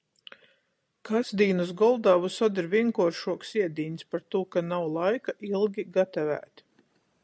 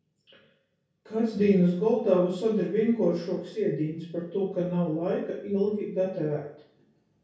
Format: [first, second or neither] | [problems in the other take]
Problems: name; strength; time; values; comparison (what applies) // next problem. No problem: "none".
first | room echo; dies away in 0.6 s